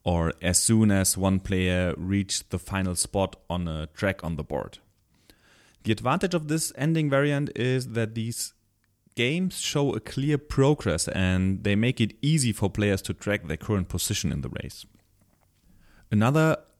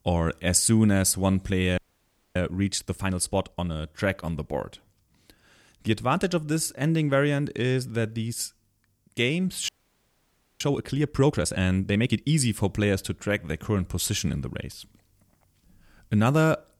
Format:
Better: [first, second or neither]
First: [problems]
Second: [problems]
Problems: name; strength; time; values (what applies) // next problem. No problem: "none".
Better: first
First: none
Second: audio freezing; at 2 s for 0.5 s and at 9.5 s for 1 s